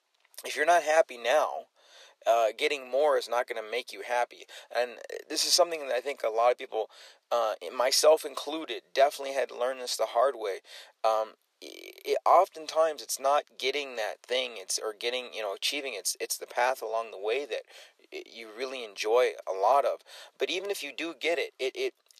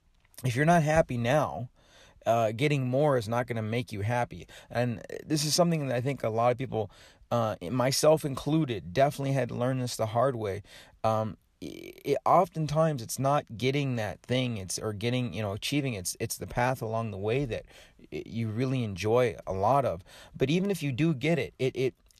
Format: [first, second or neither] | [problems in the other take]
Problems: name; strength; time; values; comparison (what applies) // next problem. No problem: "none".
second | thin; very; fading below 400 Hz